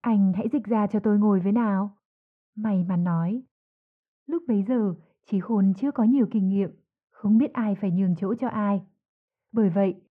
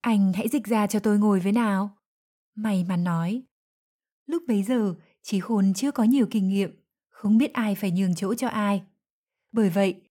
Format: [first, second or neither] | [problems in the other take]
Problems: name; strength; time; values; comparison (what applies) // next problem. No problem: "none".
second | muffled; very; fading above 1.5 kHz